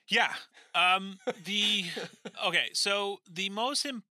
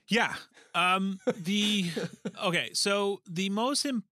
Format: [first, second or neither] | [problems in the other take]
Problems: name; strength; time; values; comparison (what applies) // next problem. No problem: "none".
second | thin; somewhat; fading below 400 Hz